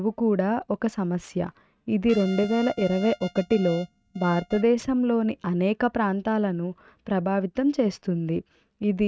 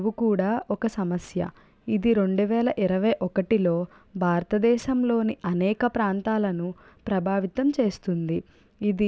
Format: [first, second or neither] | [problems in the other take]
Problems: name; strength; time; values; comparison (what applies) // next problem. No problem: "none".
second | noise reduction (neural mask model RNNoise)